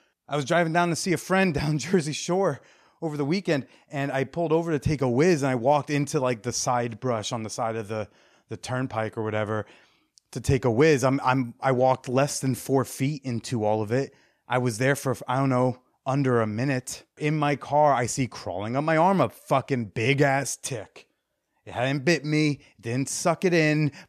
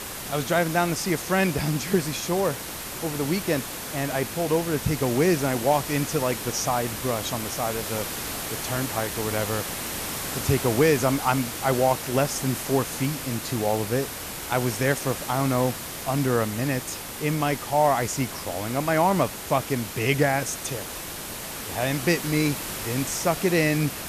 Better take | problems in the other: first | hiss; loud; throughout; 6 dB below the speech

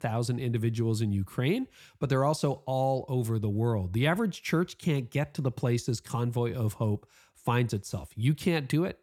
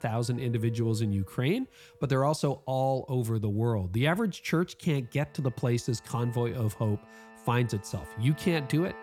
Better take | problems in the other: first | background music; noticeable; throughout; 20 dB below the speech

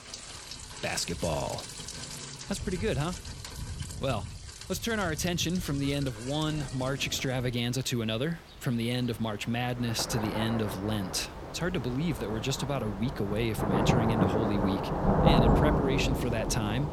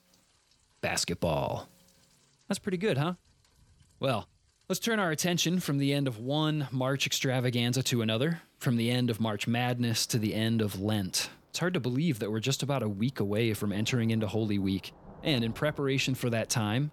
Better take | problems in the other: second | rain or running water; loud; throughout; 1 dB below the speech; faint in the second

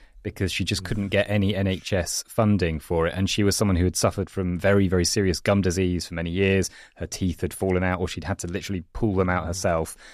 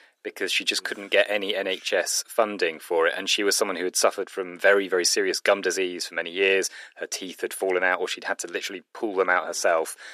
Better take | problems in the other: first | thin; very; fading below 350 Hz

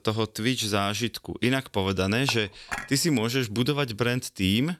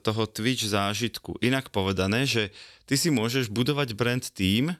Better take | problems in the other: second | clattering dishes; noticeable; at 2.5 s; peak 9 dB below the speech

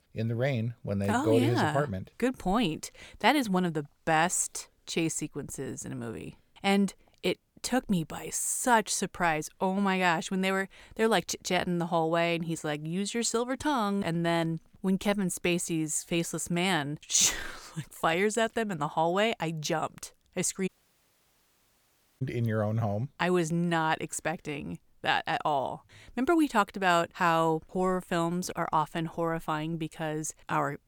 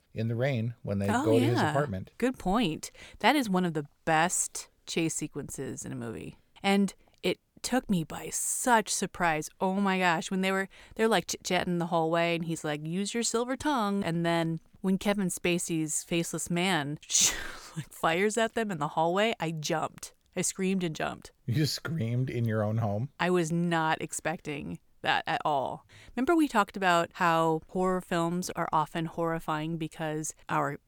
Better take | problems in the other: second | audio cutting out; at 21 s for 1.5 s

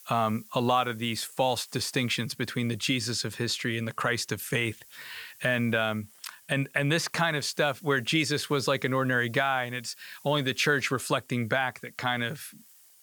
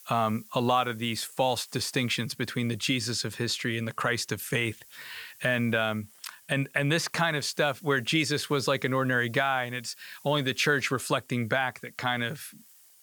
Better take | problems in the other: neither | hiss; faint; throughout; 25 dB below the speech; the same in both

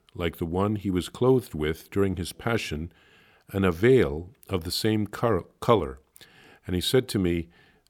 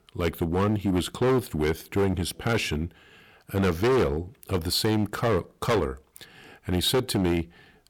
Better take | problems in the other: first | distortion; heavy; 10% of the sound clipped

